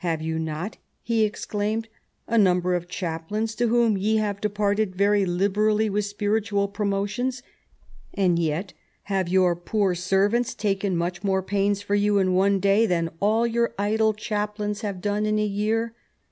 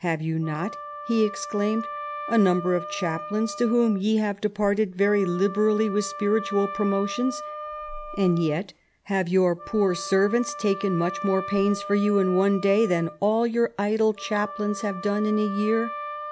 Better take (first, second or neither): first